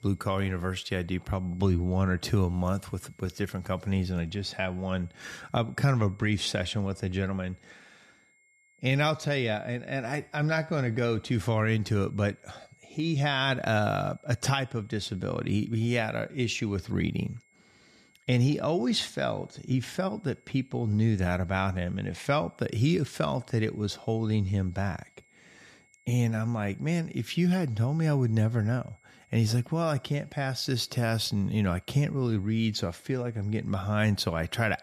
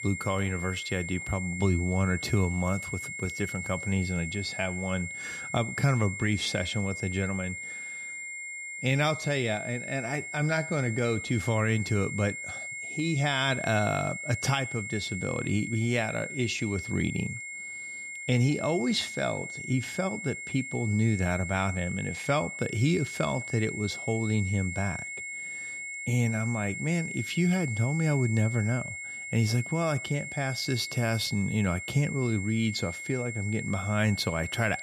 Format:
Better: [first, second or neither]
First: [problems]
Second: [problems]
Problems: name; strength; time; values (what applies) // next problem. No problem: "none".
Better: first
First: high-pitched whine; faint; throughout; 2 kHz, 35 dB below the speech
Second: high-pitched whine; loud; throughout; 2 kHz, 7 dB below the speech